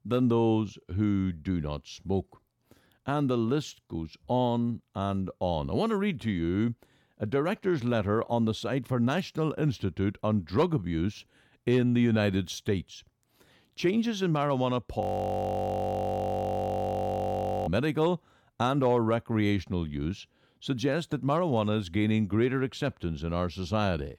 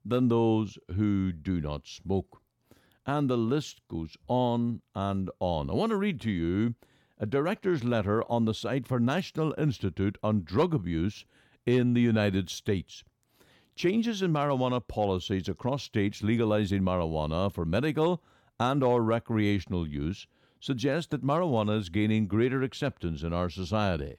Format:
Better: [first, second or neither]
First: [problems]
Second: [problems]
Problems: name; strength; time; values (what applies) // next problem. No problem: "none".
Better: second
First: audio freezing; at 15 s for 2.5 s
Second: none